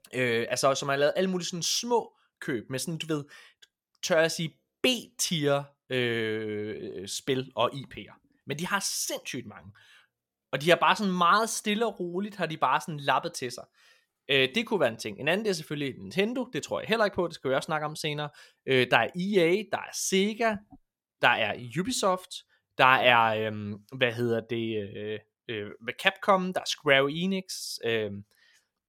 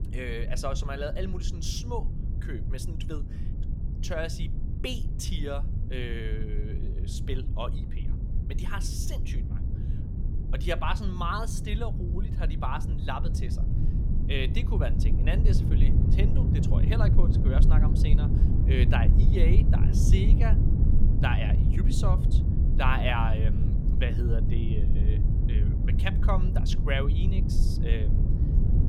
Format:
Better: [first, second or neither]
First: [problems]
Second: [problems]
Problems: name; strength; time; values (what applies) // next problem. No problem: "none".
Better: first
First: none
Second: low rumble; loud; throughout; 6 dB below the speech